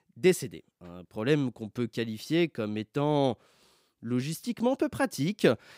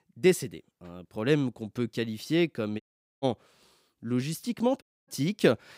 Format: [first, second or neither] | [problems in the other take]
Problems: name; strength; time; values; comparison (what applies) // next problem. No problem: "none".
first | audio cutting out; at 3 s and at 5 s